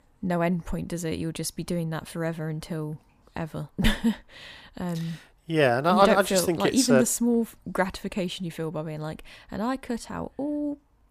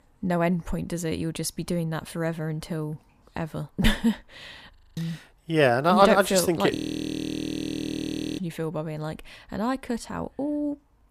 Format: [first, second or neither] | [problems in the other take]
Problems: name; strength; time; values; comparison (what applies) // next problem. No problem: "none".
first | audio freezing; at 5 s and at 7 s for 1.5 s